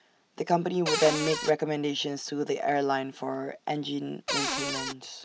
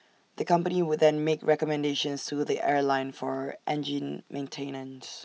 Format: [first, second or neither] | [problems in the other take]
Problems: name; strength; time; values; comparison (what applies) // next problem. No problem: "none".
second | background sound (Cupboard open or close); 1 dB below the speech